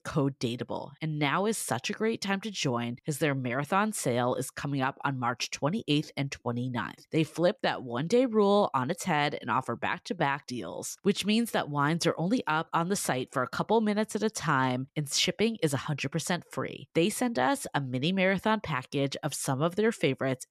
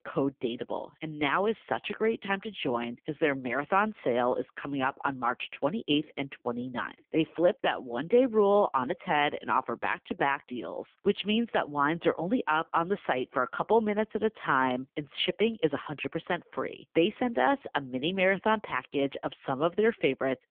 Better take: first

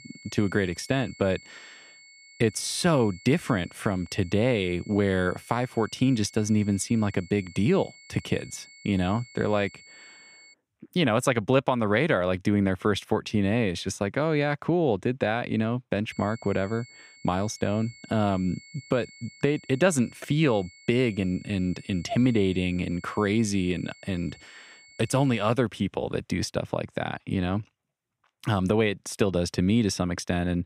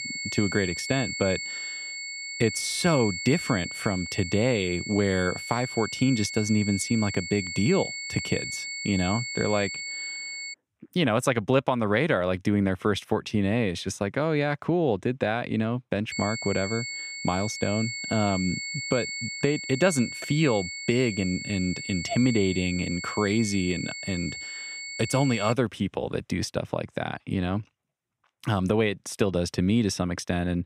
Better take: first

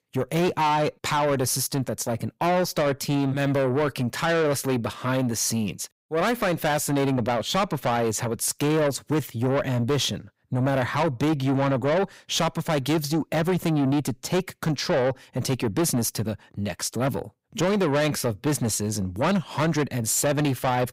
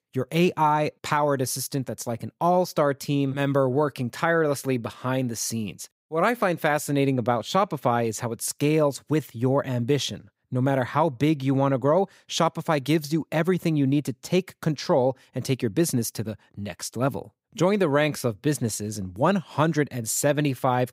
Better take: second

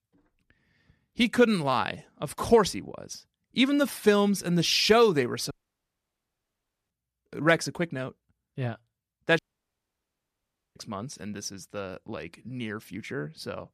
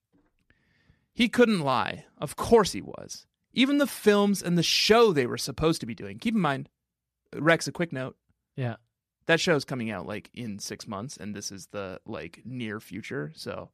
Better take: second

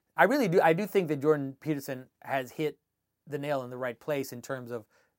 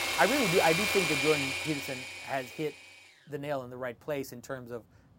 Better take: first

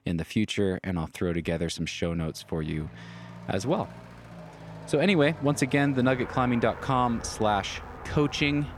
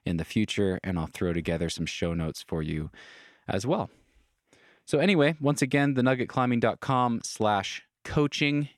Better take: second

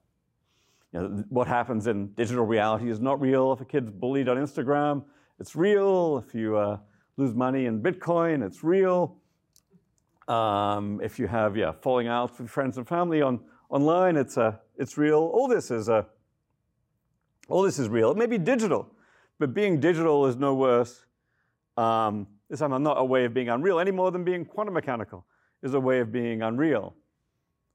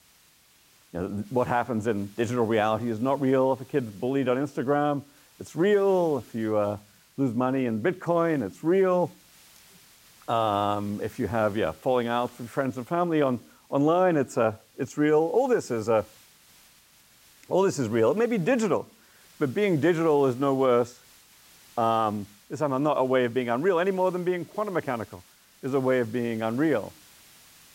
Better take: first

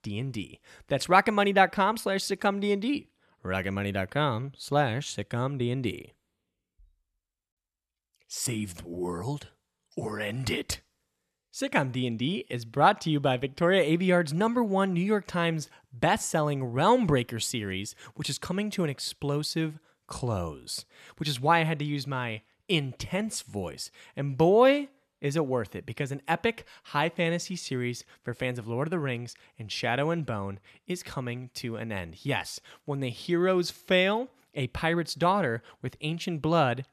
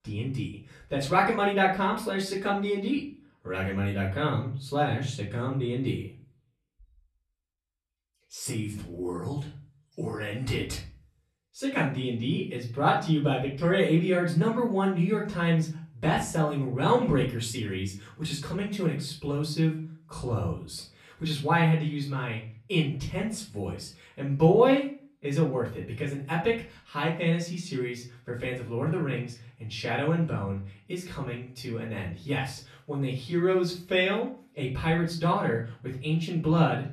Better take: first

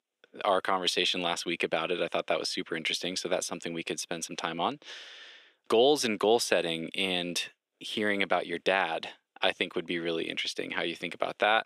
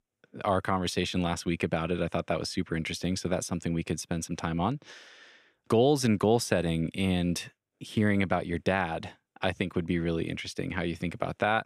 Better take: second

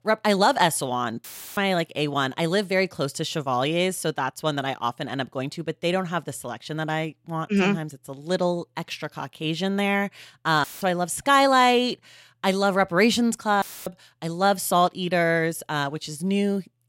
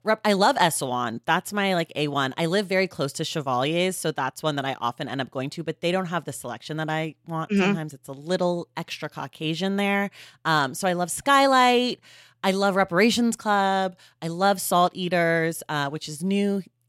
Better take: second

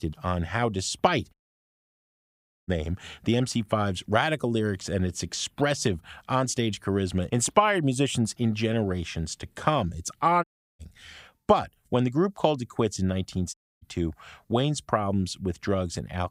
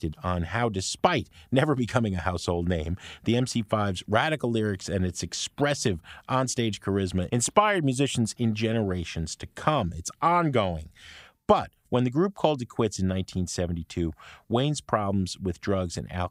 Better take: second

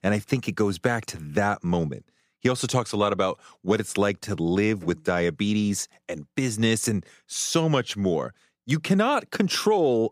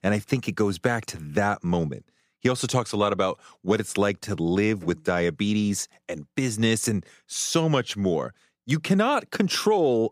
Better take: neither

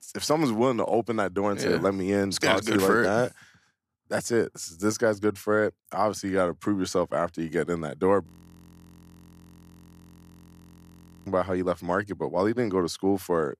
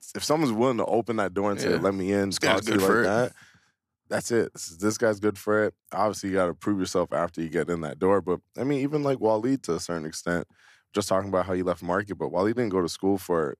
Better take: second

